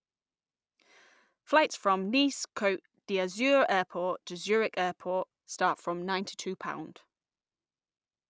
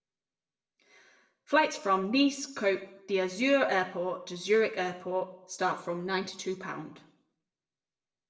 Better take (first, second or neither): first